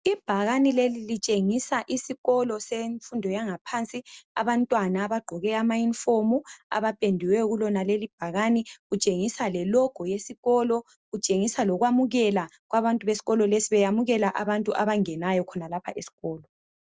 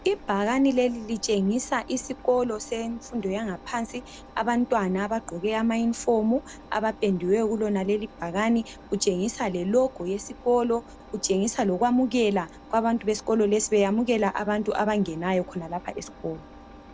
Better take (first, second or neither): first